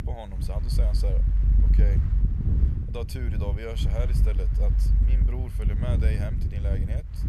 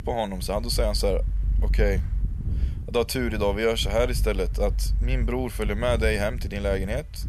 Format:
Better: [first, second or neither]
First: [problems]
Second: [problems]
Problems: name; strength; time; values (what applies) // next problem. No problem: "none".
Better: second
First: wind noise on the microphone; heavy; 3 dB below the speech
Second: wind noise on the microphone; occasional gusts; 20 dB below the speech